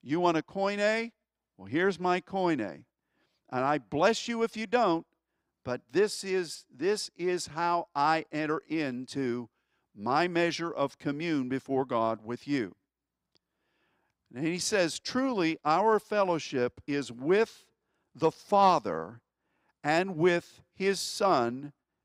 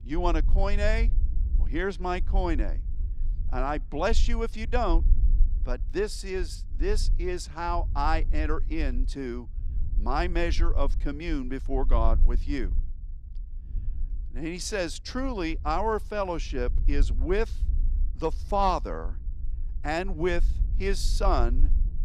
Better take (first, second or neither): first